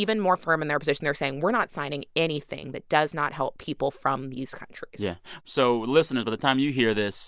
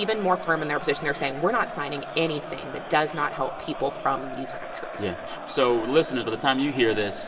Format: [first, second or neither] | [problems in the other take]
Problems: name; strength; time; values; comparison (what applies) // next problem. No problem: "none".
first | background sound (Crowd); 10 dB below the speech // room echo; dies away in 1.4 s